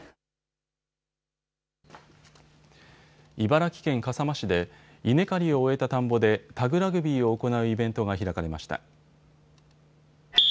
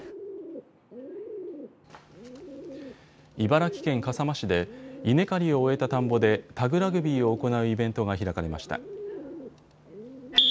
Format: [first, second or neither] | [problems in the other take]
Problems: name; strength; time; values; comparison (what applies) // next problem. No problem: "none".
first | background sound (Bird); 14 dB below the speech